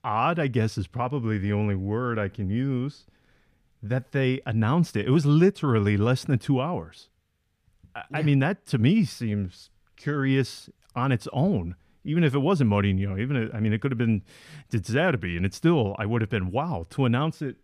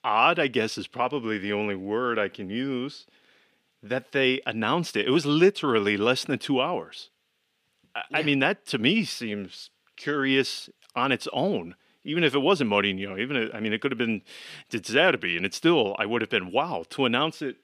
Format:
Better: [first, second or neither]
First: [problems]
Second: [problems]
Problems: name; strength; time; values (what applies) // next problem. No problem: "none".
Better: first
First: none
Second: thin; somewhat; fading below 350 Hz